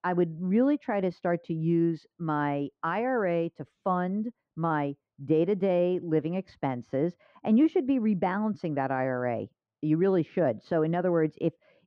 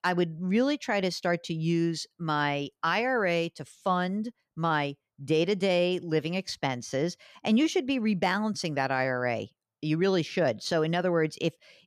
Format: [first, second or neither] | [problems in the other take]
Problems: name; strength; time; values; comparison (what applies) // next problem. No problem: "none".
second | muffled; very; fading above 3.5 kHz